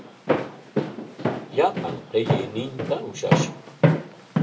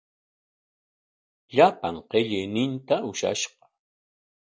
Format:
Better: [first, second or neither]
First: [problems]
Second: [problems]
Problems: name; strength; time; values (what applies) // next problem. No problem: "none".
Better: second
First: background sound (Walk, footsteps); 4 dB above the speech // room echo; dies away in 0.2 s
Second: none